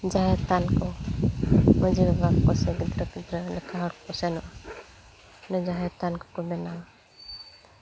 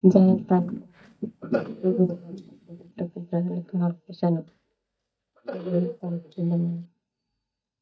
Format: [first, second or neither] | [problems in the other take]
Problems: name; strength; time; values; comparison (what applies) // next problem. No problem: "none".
first | noise reduction (neural mask model DeepFilterNet 3)